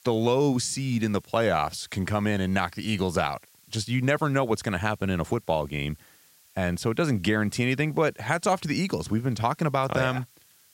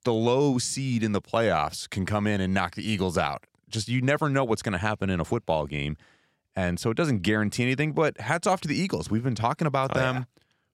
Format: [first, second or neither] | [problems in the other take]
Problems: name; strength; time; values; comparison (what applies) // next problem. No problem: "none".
second | hiss; faint; throughout; 30 dB below the speech